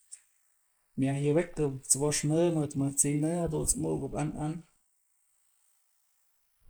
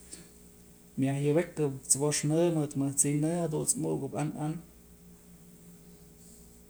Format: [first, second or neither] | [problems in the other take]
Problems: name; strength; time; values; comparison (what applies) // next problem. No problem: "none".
second | noise reduction (neural mask model Resemble Enhance denoiser)